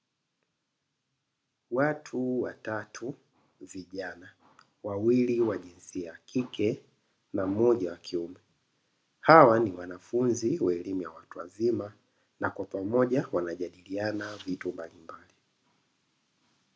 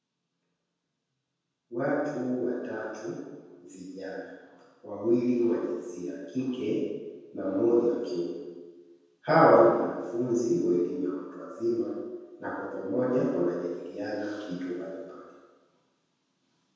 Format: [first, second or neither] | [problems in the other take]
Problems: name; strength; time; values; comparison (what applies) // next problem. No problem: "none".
first | room echo; dies away in 1.2 s